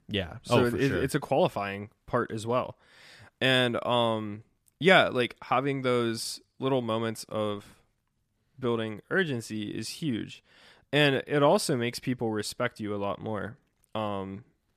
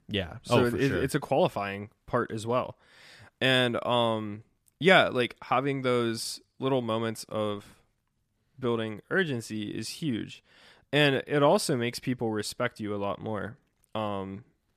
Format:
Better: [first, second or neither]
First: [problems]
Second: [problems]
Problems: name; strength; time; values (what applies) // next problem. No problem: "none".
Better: neither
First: none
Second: none